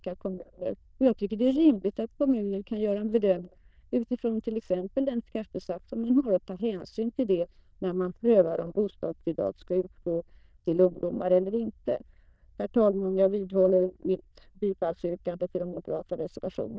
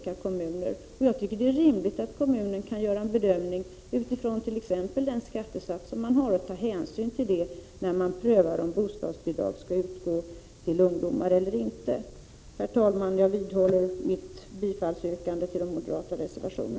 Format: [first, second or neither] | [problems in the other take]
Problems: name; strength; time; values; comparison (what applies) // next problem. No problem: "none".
second | noise reduction (neural diffusion model UNIVERSE++)